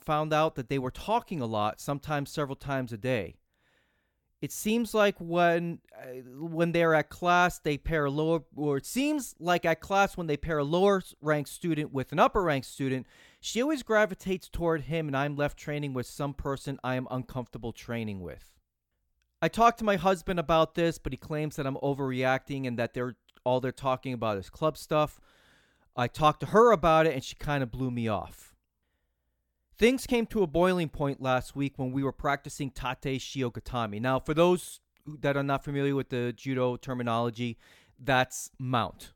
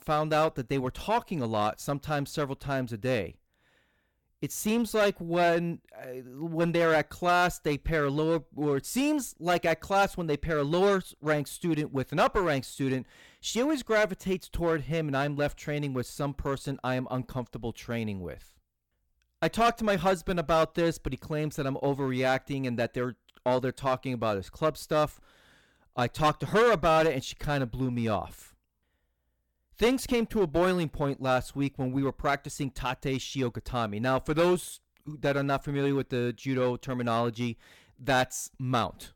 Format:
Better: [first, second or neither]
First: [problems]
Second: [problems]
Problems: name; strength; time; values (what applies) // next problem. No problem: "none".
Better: first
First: none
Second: distortion; slight; 5% of the sound clipped